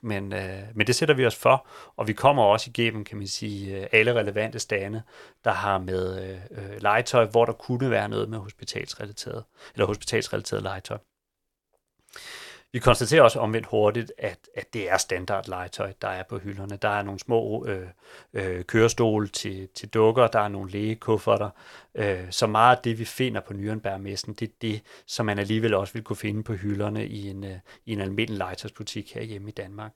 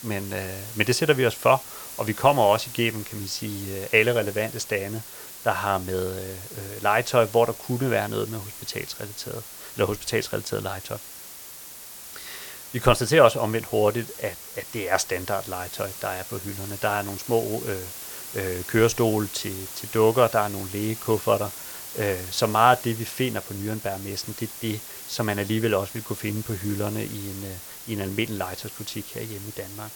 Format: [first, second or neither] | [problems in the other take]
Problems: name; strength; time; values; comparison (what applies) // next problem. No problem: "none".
first | hiss; noticeable; throughout; 10 dB below the speech